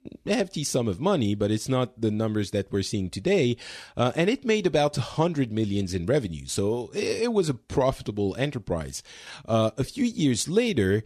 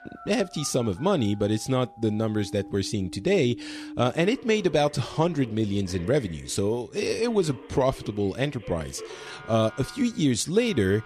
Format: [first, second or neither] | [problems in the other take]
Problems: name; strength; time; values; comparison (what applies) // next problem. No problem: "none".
first | alarms or sirens; noticeable; throughout; 20 dB below the speech